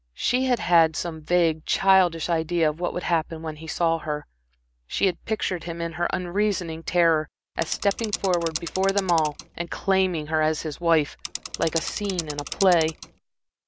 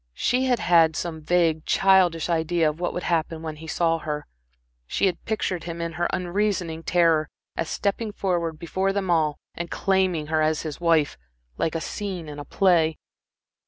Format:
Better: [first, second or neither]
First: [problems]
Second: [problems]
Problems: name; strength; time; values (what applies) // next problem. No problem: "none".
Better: second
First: background sound (Mechanisms / Bicycle); 10 dB below the speech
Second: none